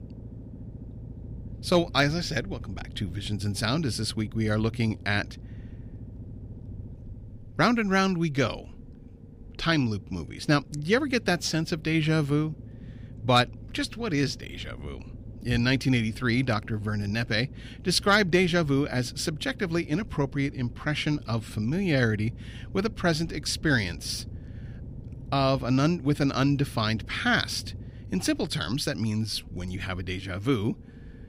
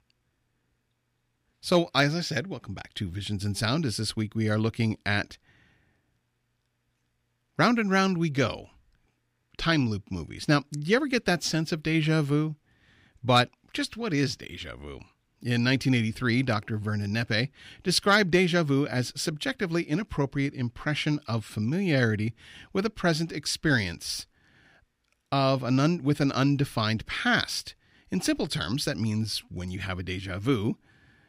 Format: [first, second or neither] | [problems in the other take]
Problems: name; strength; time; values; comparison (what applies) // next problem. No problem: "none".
second | low rumble; faint; throughout; 25 dB below the speech